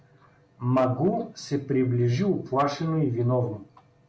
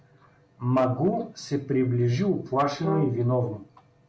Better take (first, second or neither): first